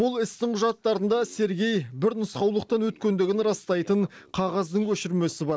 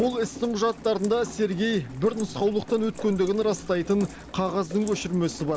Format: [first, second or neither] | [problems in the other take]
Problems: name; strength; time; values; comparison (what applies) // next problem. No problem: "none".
first | background sound (Rain); 15 dB below the speech